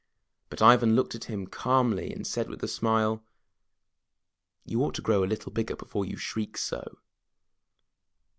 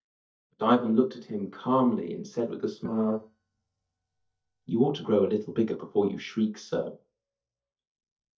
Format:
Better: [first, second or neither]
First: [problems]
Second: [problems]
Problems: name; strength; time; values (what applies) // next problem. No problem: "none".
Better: first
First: none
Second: noise reduction (neural mask model DeepFilterNet 3)